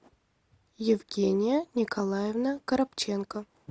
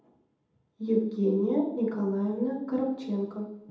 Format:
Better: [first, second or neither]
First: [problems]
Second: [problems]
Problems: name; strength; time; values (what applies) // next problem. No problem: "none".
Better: first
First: none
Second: room echo; dies away in 0.8 s